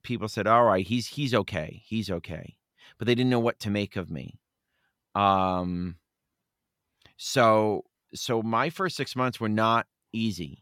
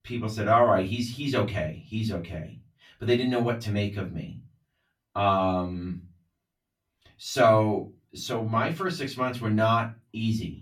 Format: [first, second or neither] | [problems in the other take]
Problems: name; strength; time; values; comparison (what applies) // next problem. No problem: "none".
first | off-mic speech; far // room echo; very slight; dies away in 0.3 s